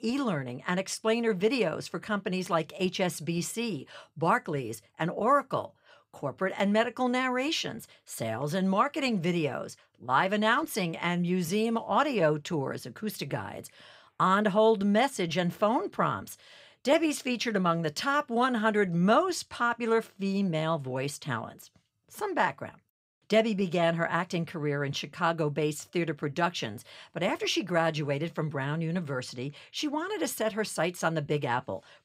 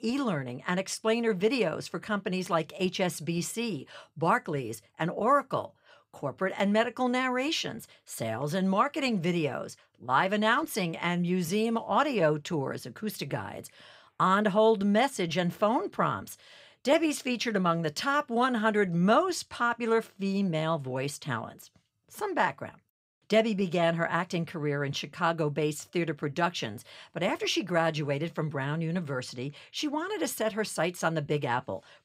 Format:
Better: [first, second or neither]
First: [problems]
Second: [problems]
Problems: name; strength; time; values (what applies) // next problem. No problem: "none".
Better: neither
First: none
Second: none